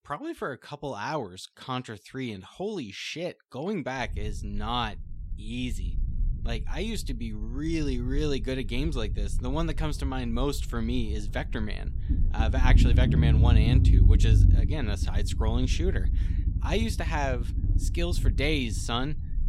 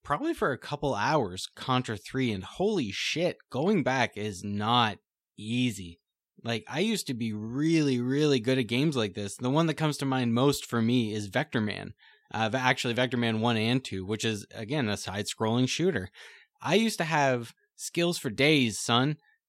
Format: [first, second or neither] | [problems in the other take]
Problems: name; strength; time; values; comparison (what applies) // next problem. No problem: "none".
second | low rumble; loud; from 4 s on; 8 dB below the speech